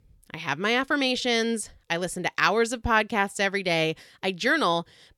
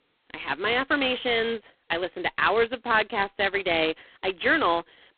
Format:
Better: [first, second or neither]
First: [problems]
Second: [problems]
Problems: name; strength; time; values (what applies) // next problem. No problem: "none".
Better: first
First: none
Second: phone-call audio; poor line; nothing above 4 kHz